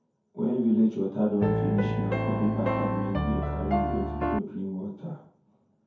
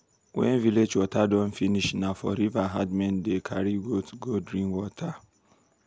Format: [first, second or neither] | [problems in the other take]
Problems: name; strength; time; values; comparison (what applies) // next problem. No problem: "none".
second | background sound (Piano); 1 dB above the speech // room echo; dies away in 0.6 s